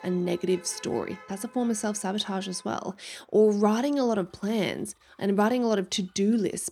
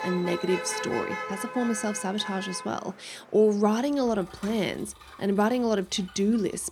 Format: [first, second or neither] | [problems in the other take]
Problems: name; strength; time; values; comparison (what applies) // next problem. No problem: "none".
first | traffic noise; loud; throughout; 9 dB below the speech; faint in the first